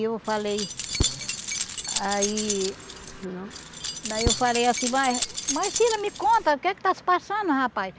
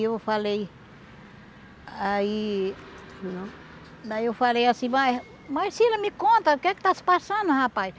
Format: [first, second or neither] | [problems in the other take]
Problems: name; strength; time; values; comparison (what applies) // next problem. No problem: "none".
second | background sound (Keys jangling); 4 dB below the speech